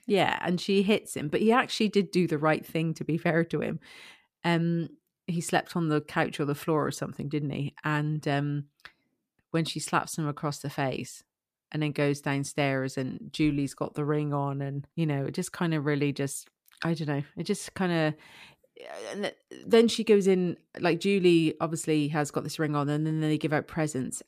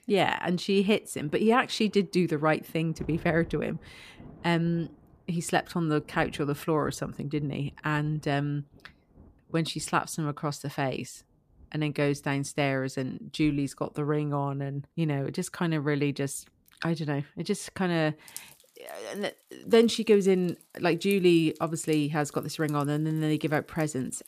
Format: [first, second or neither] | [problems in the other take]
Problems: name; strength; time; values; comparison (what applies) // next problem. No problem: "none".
first | rain or running water; faint; throughout; 25 dB below the speech